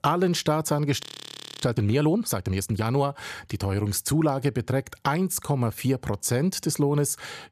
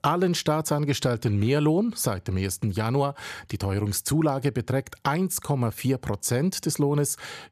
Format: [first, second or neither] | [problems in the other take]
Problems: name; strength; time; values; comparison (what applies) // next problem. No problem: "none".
second | audio freezing; at 1 s for 0.5 s